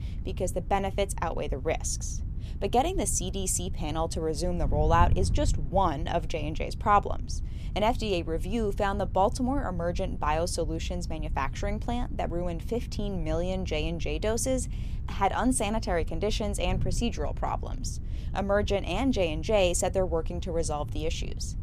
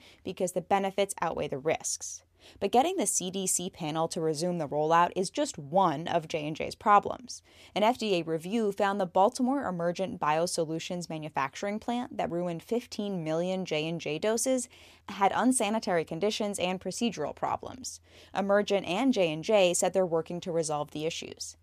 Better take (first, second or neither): second